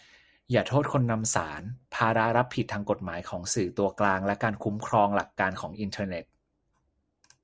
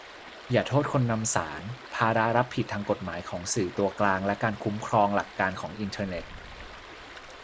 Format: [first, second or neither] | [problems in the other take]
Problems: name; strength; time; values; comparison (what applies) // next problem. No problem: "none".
first | background sound (Stream); 16 dB below the speech